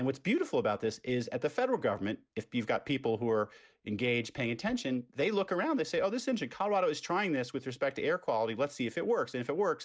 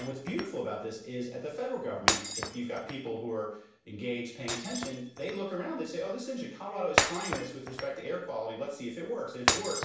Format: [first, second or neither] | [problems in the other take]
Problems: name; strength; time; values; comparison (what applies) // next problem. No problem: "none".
first | background sound (Shatter); as loud as the speech // room echo; dies away in 0.7 s